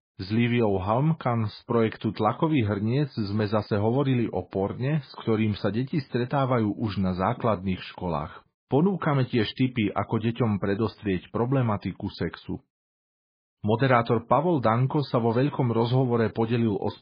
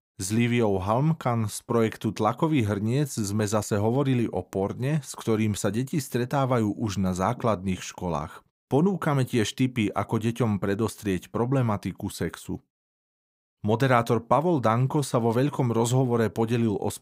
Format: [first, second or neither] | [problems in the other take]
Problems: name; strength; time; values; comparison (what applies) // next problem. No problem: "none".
second | garbled, watery; badly